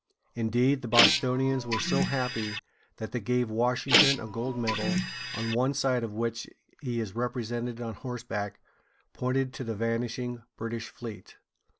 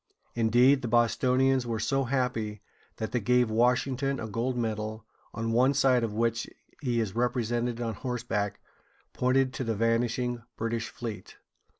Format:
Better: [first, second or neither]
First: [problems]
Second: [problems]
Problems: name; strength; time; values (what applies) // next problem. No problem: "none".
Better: second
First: background sound (Printer); 2 dB above the speech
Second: none